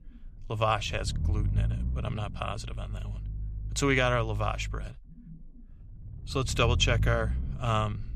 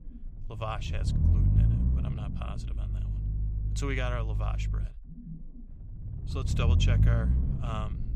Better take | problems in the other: first | low rumble; loud; throughout; 6 dB below the speech; faint in the first

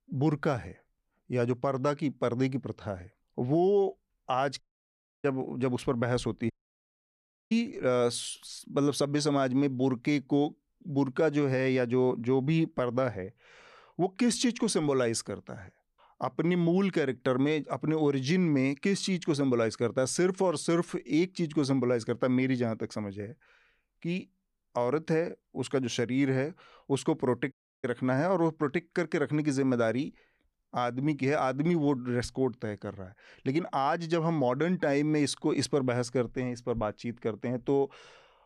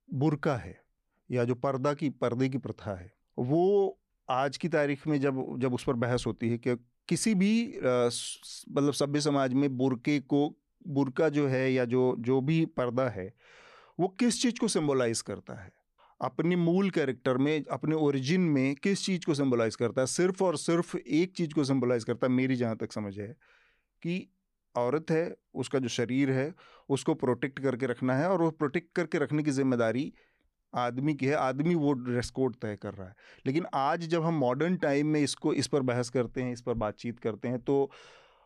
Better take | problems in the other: second | audio cutting out; at 4.5 s for 0.5 s, at 6.5 s for 1 s and at 28 s

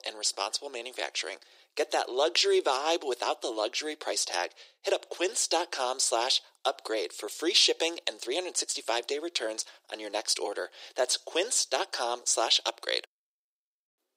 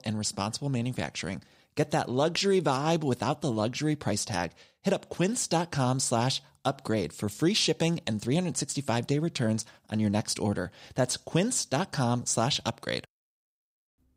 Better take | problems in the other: second | thin; very; fading below 350 Hz

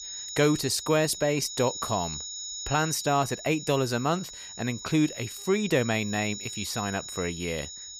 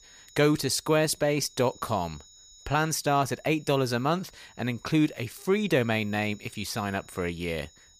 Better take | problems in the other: second | high-pitched whine; loud; throughout; 7 kHz, 9 dB below the speech; faint in the second

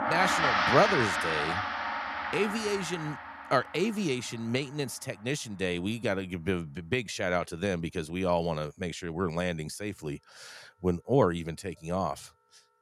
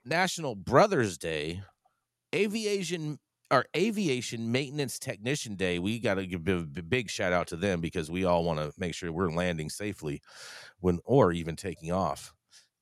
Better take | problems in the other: second | background music; very loud; throughout; 1 dB above the speech

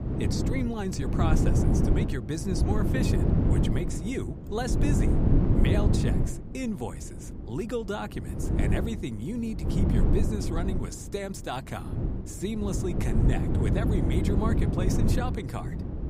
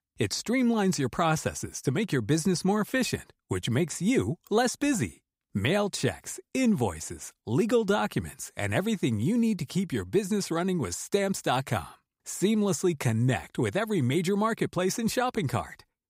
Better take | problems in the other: second | wind noise on the microphone; heavy; 1 dB above the speech

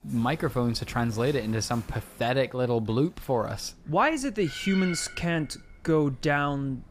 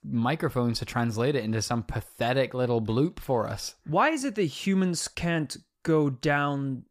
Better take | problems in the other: second | animal sounds; noticeable; throughout; 15 dB below the speech

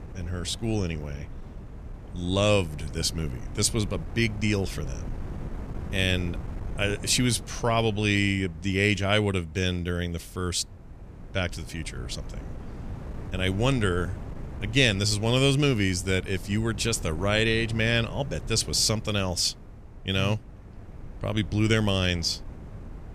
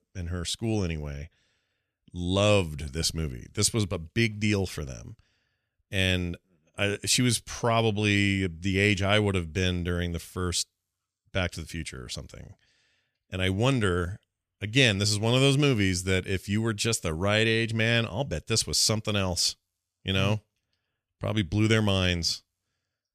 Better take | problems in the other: second | wind noise on the microphone; occasional gusts; 20 dB below the speech

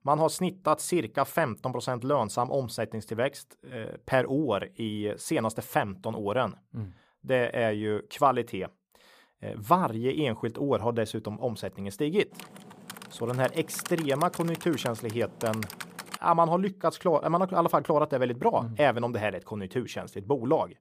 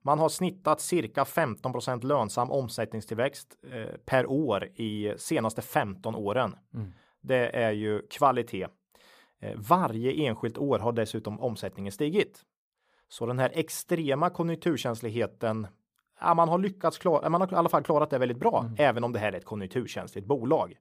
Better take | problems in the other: second | keyboard typing; noticeable; from 12 to 16 s; peak 10 dB below the speech

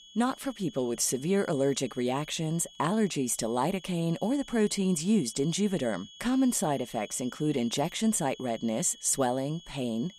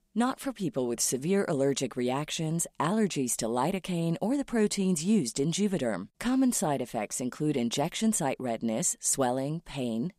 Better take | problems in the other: second | high-pitched whine; noticeable; throughout; 3.5 kHz, 20 dB below the speech

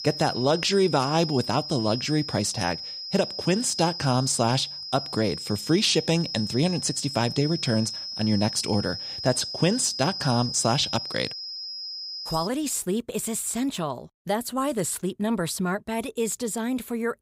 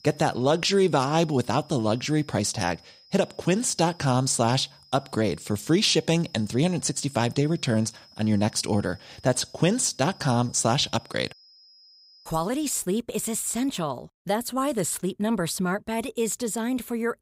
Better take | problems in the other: second | high-pitched whine; loud; until 12 s; 5 kHz, 6 dB below the speech; faint in the second

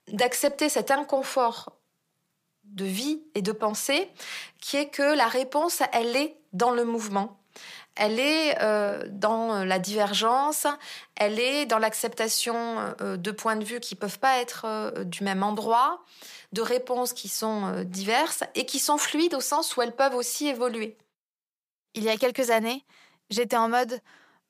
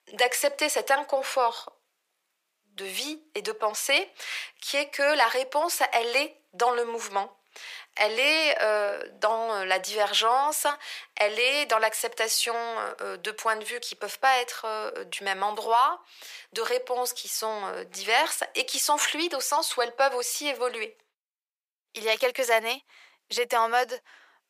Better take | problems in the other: first | thin; somewhat; fading below 450 Hz

